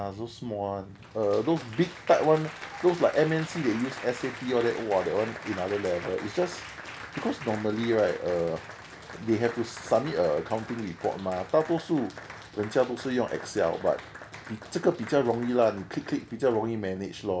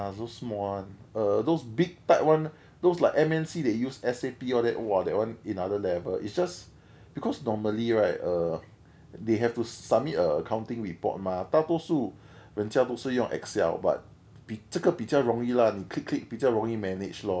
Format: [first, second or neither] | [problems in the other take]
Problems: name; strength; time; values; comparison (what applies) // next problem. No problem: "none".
second | background sound (Applause); 15 dB below the speech